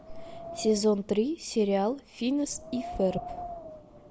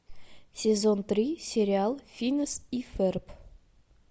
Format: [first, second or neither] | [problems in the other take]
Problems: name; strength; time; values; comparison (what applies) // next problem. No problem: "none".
second | background sound (Wind); 14 dB below the speech